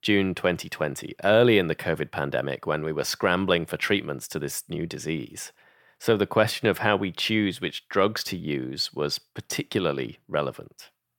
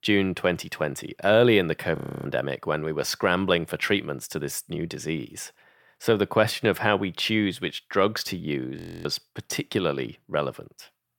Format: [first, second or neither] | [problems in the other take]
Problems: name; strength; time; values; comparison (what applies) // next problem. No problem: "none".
first | audio freezing; at 2 s and at 9 s